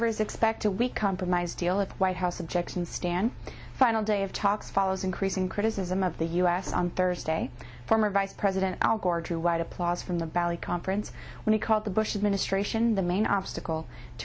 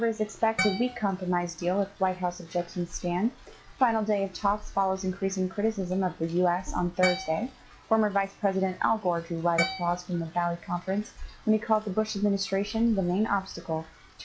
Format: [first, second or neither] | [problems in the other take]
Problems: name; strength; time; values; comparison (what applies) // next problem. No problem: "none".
first | noise reduction (classical method log-MMSE)